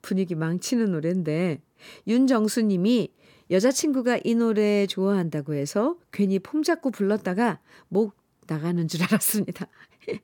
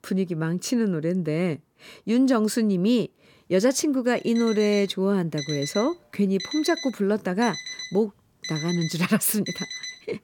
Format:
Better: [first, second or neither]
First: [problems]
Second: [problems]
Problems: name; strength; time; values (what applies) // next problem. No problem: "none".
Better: first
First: none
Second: alarm; noticeable; from 4 s on; peak 8 dB below the speech